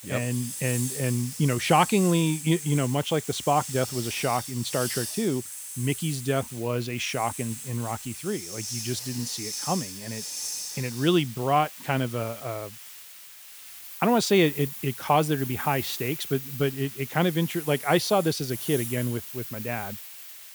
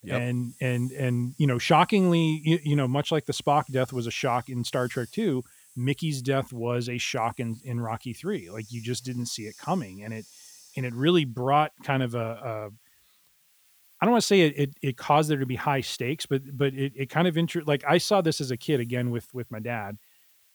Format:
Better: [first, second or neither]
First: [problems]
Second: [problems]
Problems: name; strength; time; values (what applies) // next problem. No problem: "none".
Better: second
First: hiss; loud; throughout; 8 dB below the speech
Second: hiss; faint; throughout; 25 dB below the speech